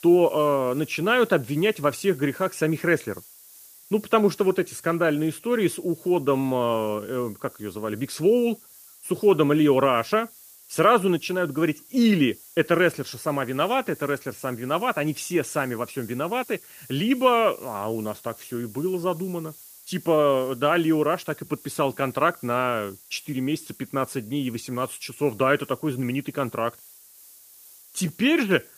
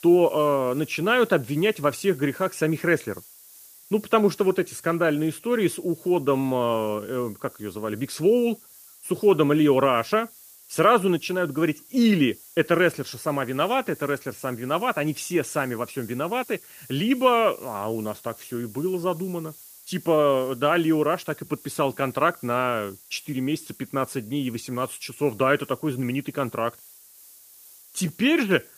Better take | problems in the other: neither | hiss; faint; throughout; 20 dB below the speech; the same in both

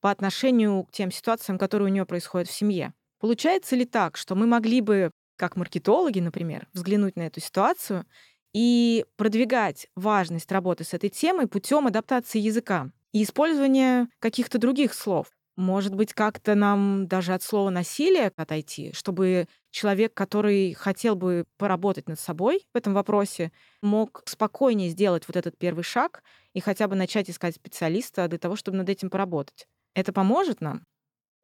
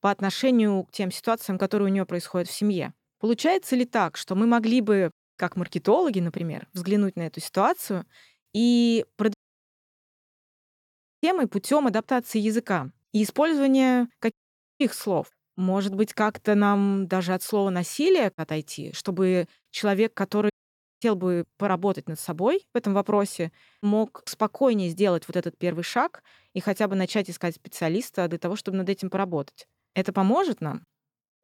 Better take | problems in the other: first | audio cutting out; at 9.5 s for 2 s, at 14 s and at 21 s for 0.5 s

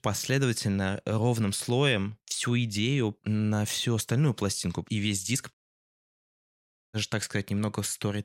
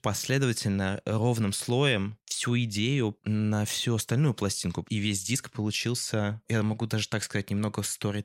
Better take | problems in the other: second | audio cutting out; at 5.5 s for 1.5 s

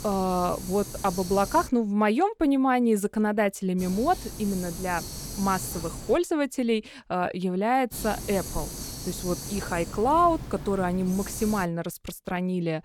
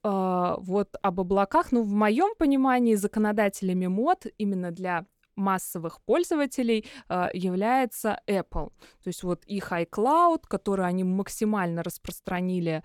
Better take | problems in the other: second | hiss; noticeable; until 1.5 s, from 4 to 6 s and from 8 to 12 s; 10 dB below the speech

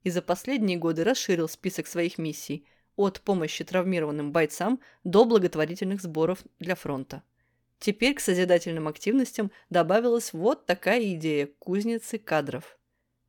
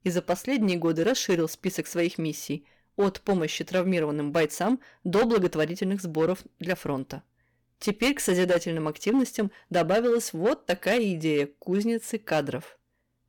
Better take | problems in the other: first | distortion; slight; 5% of the sound clipped

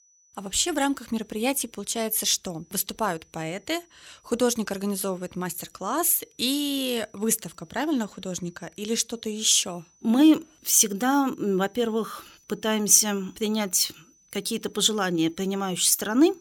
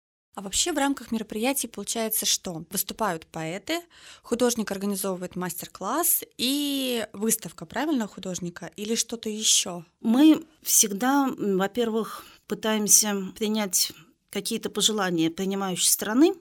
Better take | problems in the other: second | high-pitched whine; faint; throughout; 6 kHz, 35 dB below the speech

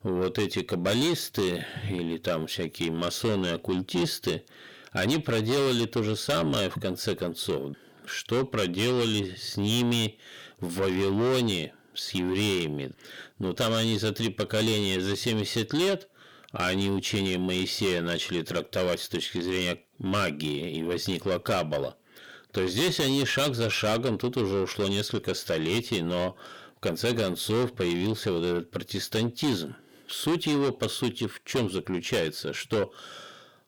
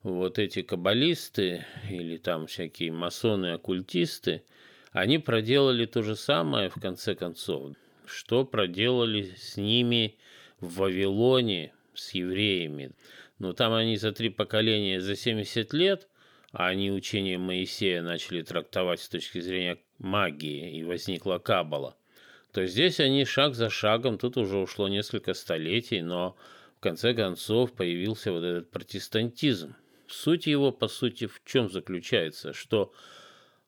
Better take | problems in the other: second | distortion; heavy; 6 dB below the speech

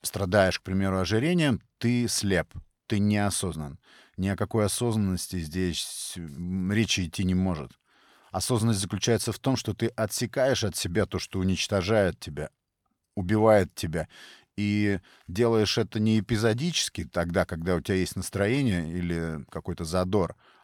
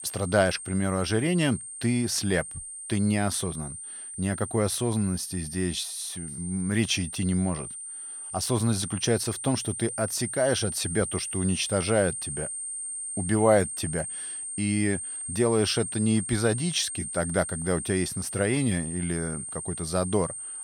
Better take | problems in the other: first | high-pitched whine; loud; throughout; 8.5 kHz, 6 dB below the speech

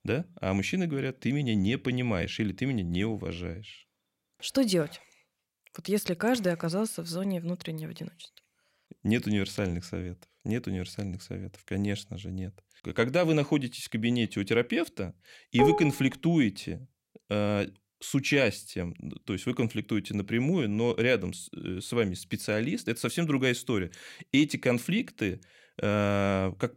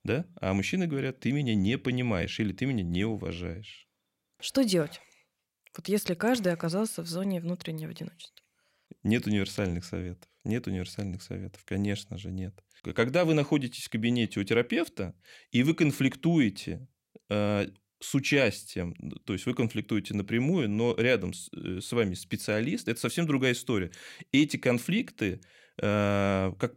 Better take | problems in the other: second | clattering dishes; loud; at 16 s; peak 3 dB above the speech

